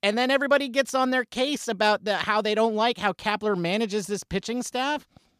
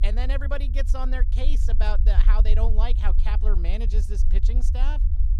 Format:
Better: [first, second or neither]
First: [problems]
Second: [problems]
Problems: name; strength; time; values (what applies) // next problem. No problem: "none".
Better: first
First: none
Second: low rumble; noticeable; throughout; 10 dB below the speech